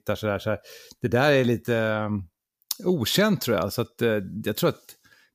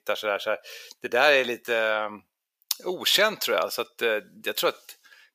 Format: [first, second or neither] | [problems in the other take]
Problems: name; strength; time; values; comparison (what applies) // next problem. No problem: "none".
first | thin; very; fading below 600 Hz